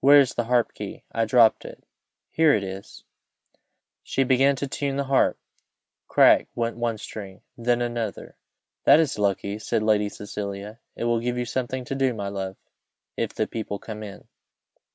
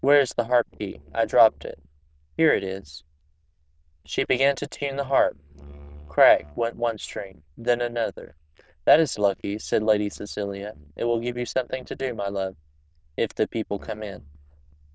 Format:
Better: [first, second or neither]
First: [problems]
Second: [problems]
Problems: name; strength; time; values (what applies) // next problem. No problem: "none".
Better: first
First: none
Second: noise reduction (neural diffusion model UNIVERSE++)